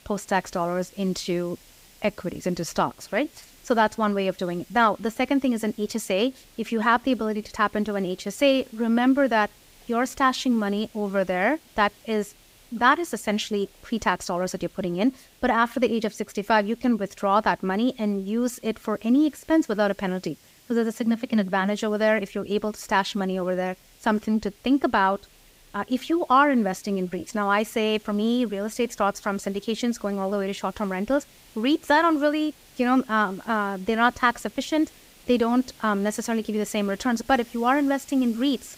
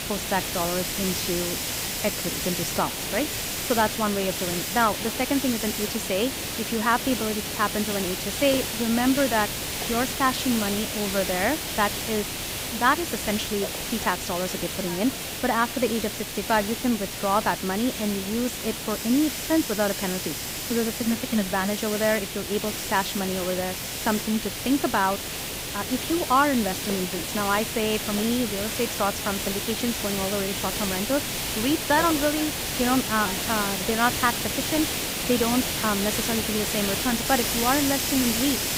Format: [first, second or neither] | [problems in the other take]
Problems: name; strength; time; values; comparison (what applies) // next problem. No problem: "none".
first | hiss; loud; throughout; 2 dB below the speech; faint in the first